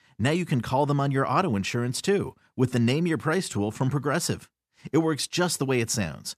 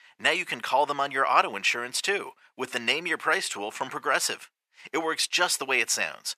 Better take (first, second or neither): first